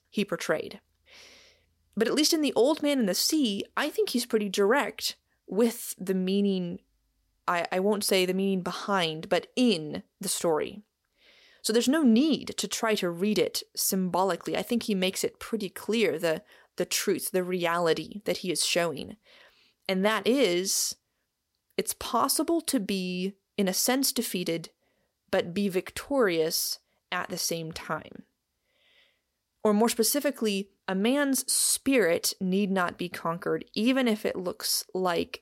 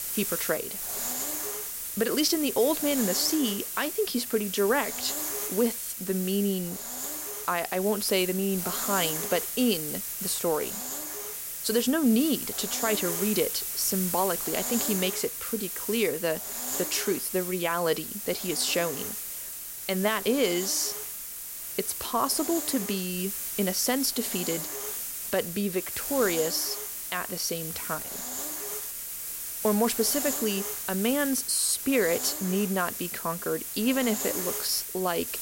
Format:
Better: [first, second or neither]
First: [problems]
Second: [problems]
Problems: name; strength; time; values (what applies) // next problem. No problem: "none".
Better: first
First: none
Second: hiss; loud; throughout; 3 dB below the speech